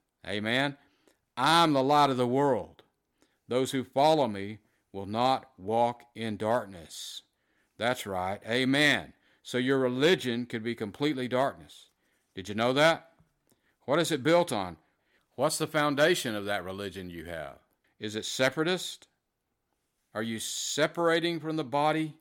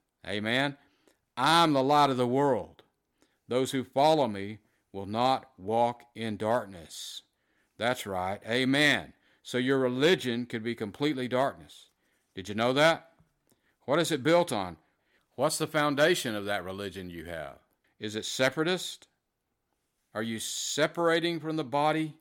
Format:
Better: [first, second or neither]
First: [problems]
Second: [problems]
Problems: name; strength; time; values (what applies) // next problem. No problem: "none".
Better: neither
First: none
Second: none